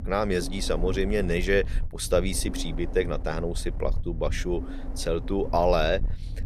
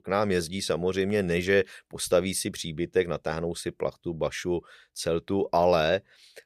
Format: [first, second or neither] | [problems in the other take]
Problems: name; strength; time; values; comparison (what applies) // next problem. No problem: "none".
second | wind noise on the microphone; occasional gusts; 15 dB below the speech